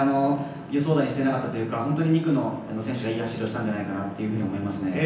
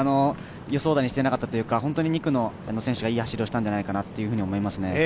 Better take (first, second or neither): second